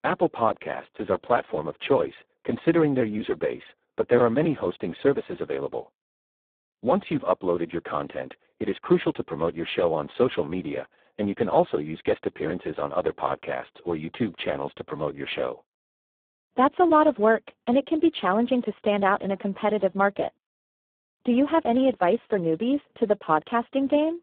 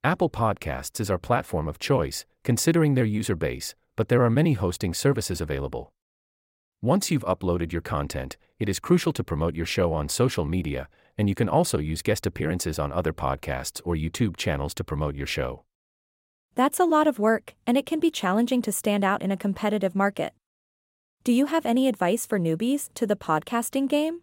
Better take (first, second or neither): second